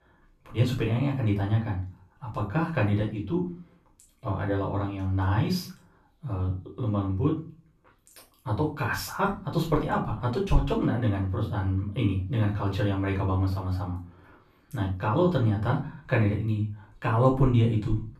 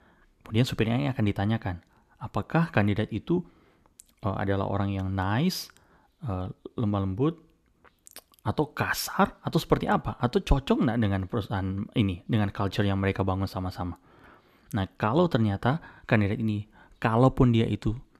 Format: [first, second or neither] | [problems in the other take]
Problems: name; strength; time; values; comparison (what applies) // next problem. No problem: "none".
second | room echo; slight; dies away in 0.3 s // off-mic speech; far